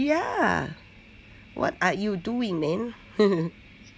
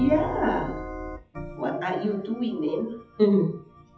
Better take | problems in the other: first | noise reduction (classical method WPE with log-MMSE)

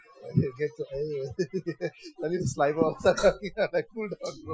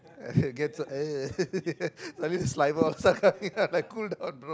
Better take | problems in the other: second | noise reduction (classical method Wiener filter)

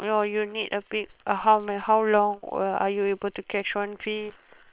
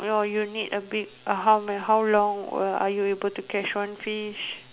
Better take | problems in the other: second | noise reduction (neural separator model SepFormer WHAM!)

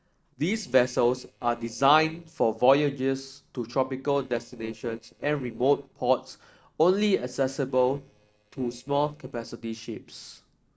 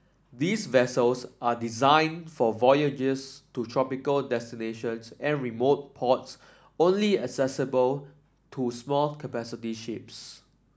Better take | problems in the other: second | noise reduction (neural separator model SepFormer DNS4)

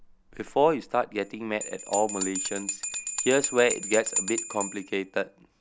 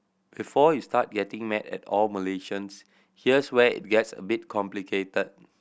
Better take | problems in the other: second | background sound (Bell); 6 dB below the speech

